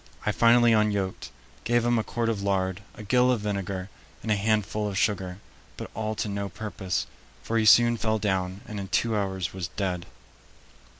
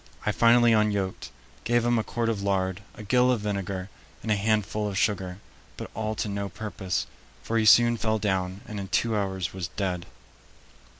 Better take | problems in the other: first | background sound (Bass drum); 18 dB below the speech

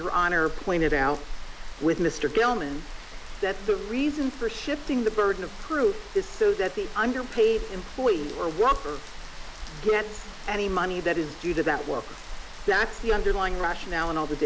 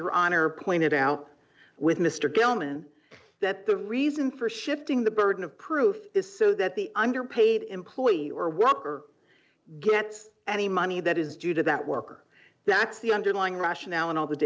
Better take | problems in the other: second | background sound (Rain); 9 dB below the speech

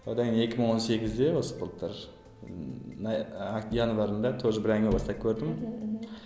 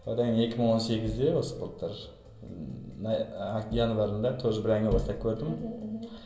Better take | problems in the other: first | room echo; dies away in 0.2 s

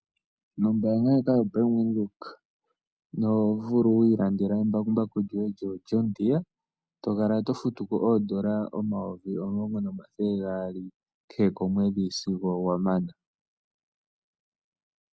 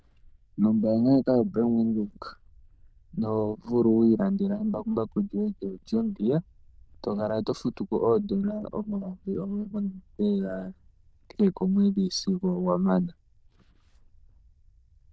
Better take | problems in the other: first | noise reduction (neural diffusion model UNIVERSE++)

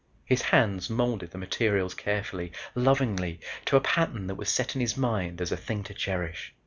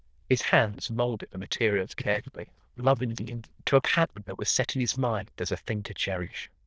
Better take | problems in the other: first | noise reduction (neural diffusion model UNIVERSE++)

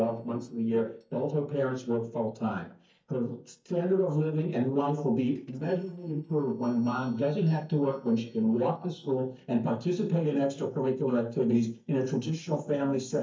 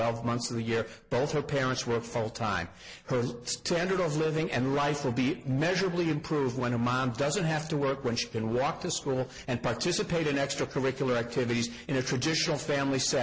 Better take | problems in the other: second | noise reduction (neural mask model DeepFilterNet 3)

